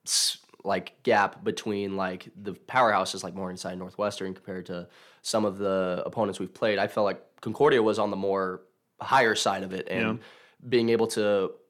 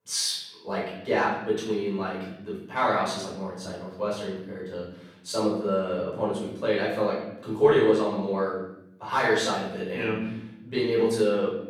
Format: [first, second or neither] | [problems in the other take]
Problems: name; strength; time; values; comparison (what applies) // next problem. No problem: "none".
first | off-mic speech; far // room echo; noticeable; dies away in 0.8 s